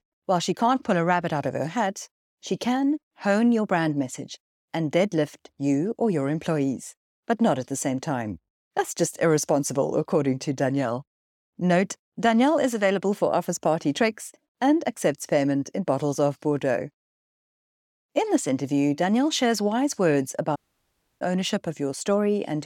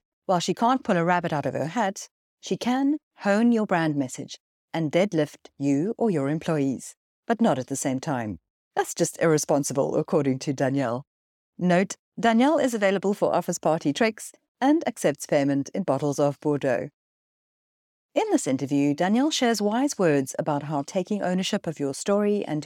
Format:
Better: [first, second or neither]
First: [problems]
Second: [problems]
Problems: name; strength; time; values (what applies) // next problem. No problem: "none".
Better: second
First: audio cutting out; at 21 s for 0.5 s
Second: none